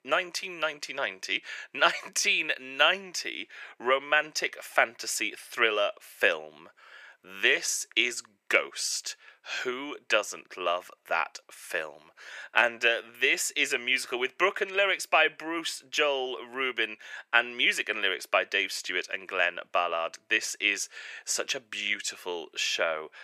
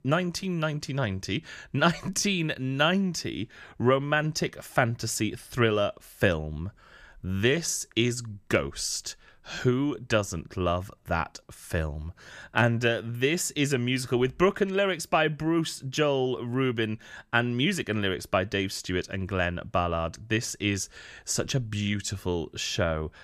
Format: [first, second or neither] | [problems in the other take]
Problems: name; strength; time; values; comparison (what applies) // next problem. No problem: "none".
second | thin; very; fading below 450 Hz